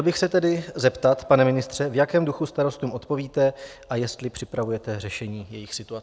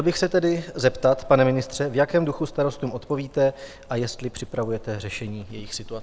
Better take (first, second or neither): first